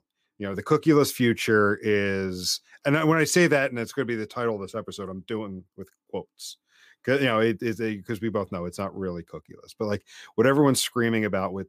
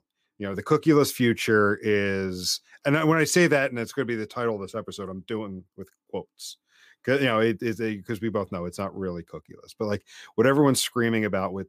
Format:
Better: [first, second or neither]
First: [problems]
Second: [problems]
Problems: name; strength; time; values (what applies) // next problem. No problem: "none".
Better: neither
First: none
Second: none